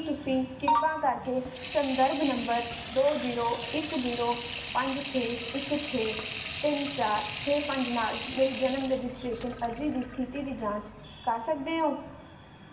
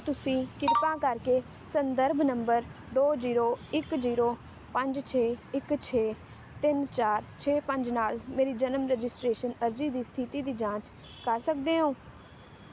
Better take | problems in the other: second | background sound (Sink (filling or washing) / Water tap, faucet); 10 dB below the speech // room echo; dies away in 1.1 s

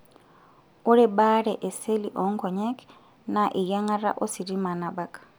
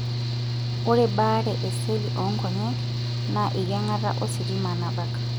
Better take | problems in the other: first | background sound (Mechanical fan / Engine); 2 dB above the speech

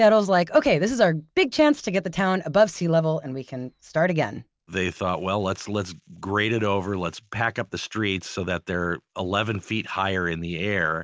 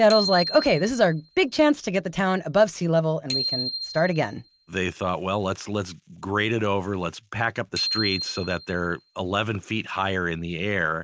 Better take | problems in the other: first | background sound (Bicycle bell); 10 dB below the speech

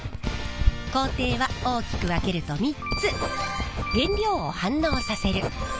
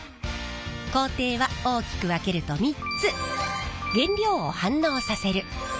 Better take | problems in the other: second | background sound (Writing); 3 dB below the speech

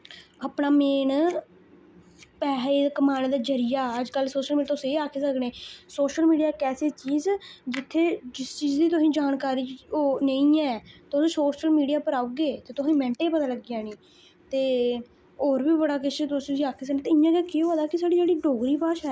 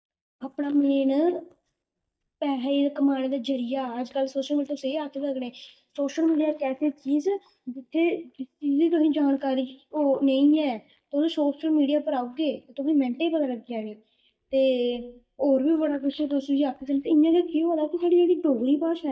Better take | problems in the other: first | noise reduction (neural mask model DeepFilterNet 3)

